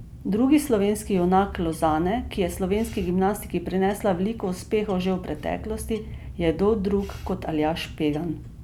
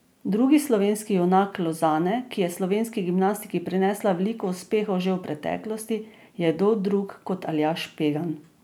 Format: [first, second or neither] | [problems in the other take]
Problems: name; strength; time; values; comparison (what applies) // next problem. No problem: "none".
second | background sound (Bird); 13 dB below the speech